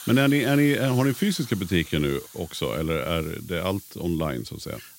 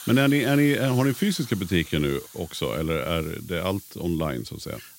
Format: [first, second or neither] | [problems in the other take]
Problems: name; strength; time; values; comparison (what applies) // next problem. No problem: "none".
neither | hiss; noticeable; throughout; 15 dB below the speech; the same in both